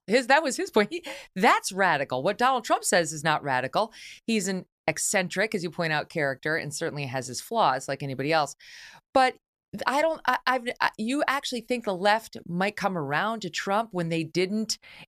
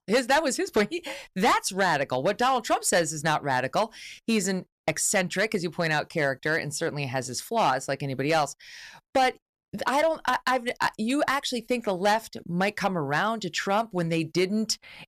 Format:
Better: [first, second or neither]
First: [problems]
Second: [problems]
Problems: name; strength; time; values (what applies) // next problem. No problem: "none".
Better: first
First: none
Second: distortion; slight; 4% of the sound clipped